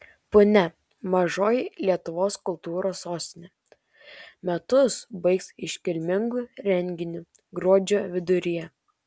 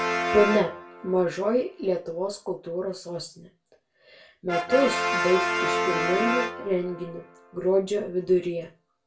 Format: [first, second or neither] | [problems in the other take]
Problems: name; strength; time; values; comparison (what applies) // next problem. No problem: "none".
first | background sound (Brass instrument); 4 dB below the speech // room echo; dies away in 0.2 s